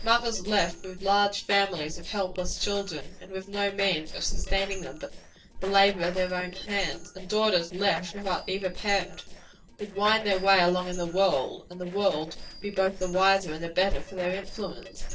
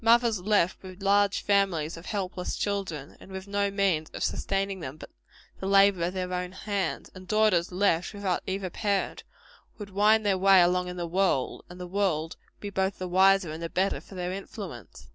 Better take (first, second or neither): second